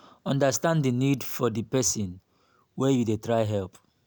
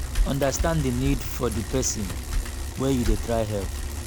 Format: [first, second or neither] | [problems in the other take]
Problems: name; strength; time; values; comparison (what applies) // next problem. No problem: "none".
first | background sound (Bicycle); 1 dB below the speech